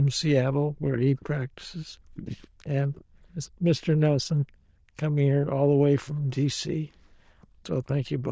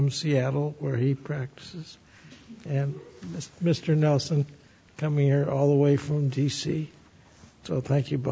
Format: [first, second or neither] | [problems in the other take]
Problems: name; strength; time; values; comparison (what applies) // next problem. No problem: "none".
second | noise reduction (neural diffusion model UNIVERSE++)